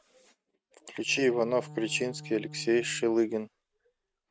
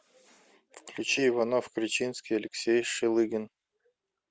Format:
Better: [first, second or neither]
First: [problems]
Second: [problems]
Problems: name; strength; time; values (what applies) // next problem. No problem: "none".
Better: second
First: noise reduction (neural mask model RNNoise)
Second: none